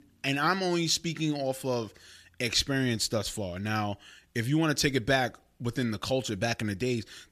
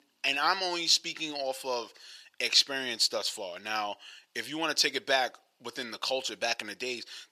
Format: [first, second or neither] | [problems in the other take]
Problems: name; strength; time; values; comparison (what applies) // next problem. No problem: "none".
first | thin; very; fading below 550 Hz